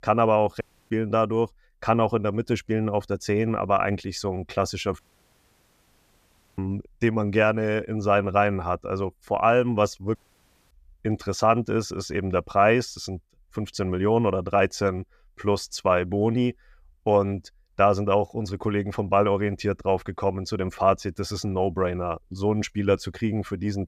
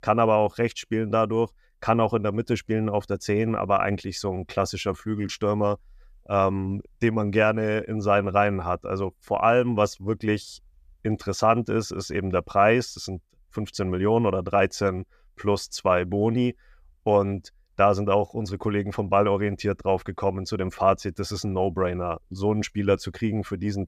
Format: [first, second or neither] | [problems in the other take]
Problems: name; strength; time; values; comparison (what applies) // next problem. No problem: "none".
second | audio cutting out; at 0.5 s, at 5 s for 1.5 s and at 10 s for 0.5 s